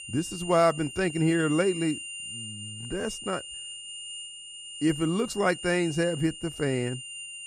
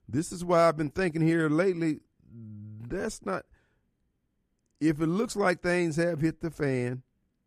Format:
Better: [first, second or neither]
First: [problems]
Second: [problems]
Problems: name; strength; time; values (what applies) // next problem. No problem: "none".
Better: second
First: high-pitched whine; loud; throughout; 3 kHz, 10 dB below the speech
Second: none